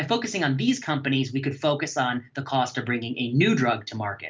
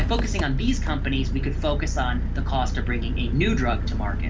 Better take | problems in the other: first | background sound (Engine); 3 dB above the speech

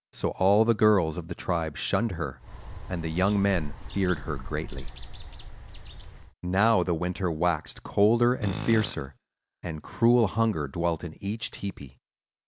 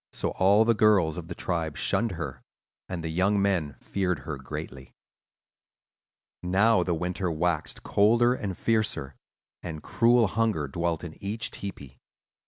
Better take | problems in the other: second | background sound (Bird + Tools); 9 dB below the speech

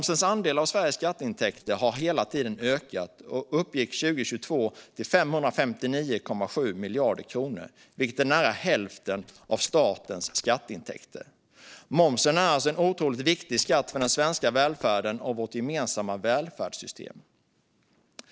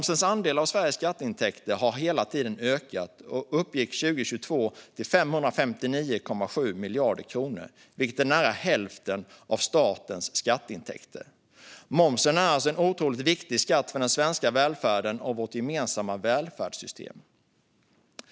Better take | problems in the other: second | noise reduction (neural separator model SepFormer DNS4)

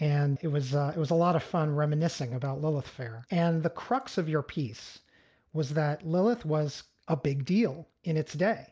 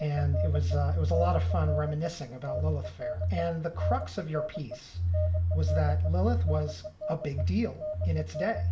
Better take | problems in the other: first | background sound (Telephone); 3 dB above the speech // room echo; dies away in 0.5 s

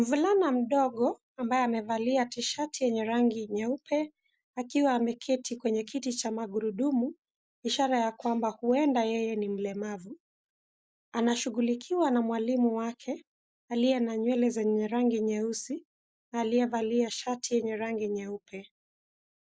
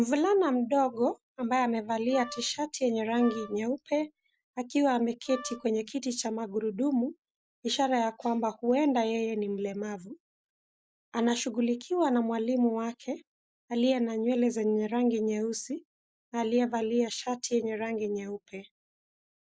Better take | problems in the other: first | background sound (Wind instrument, woodwind instrument); 16 dB below the speech

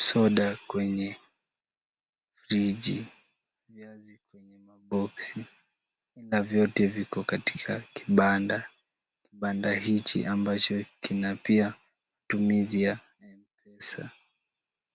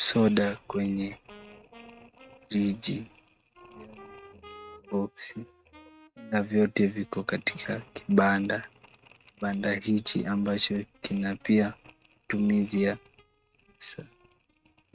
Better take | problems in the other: first | noise reduction (neural mask model RNNoise)

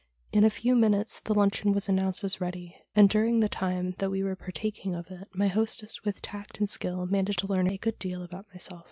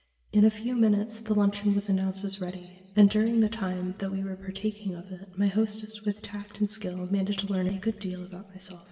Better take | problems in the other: first | room echo; dies away in 3 s

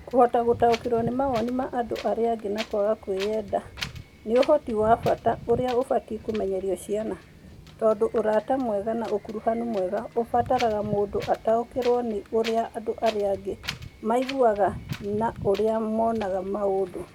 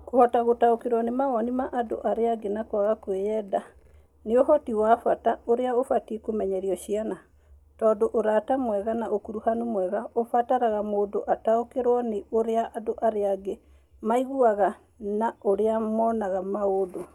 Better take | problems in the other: second | background sound (Wind); 15 dB below the speech

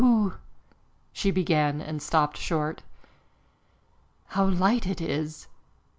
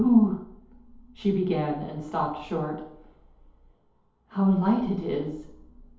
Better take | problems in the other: first | room echo; dies away in 2.2 s

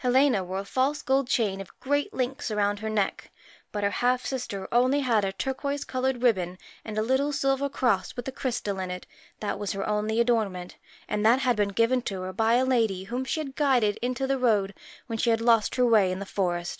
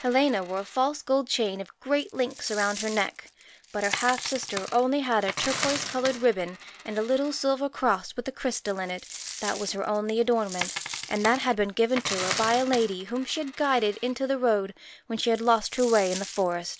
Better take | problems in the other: first | background sound (Coin (dropping)); 11 dB below the speech

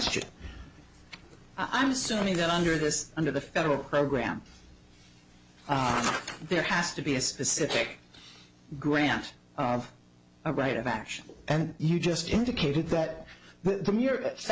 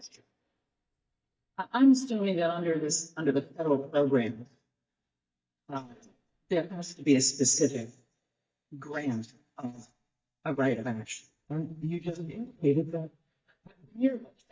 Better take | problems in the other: first | noise reduction (neural mask model DeepFilterNet 3)

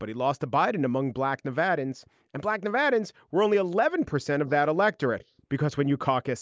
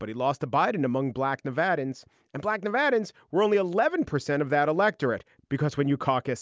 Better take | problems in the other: second | noise reduction (neural mask model Resemble Enhance denoiser)

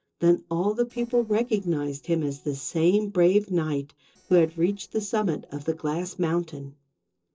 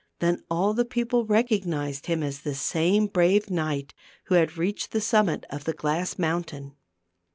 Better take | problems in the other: second | noise reduction (neural separator model SepFormer DNS4)

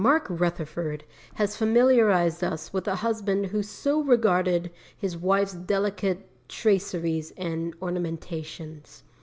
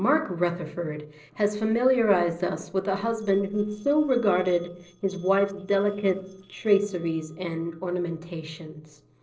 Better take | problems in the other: first | noise reduction (neural separator model SepFormer DNS4)

